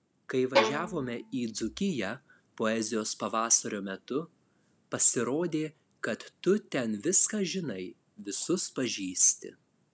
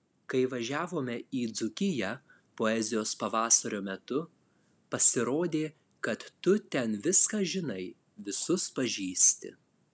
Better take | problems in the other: second | background sound (Bowed string instrument); 1 dB below the speech

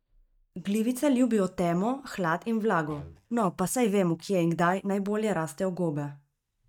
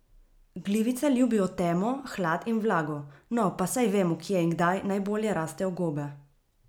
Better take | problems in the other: second | noise reduction (neural mask model DeepFilterNet 3)

